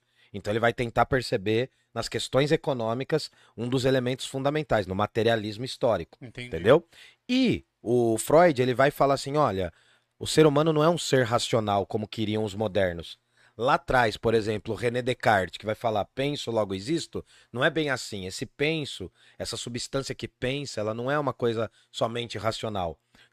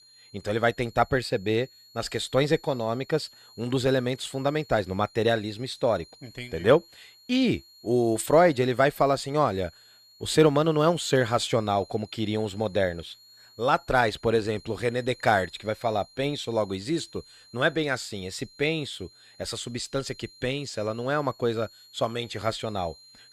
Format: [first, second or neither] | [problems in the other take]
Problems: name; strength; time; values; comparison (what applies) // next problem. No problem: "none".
first | high-pitched whine; faint; throughout; 4 kHz, 25 dB below the speech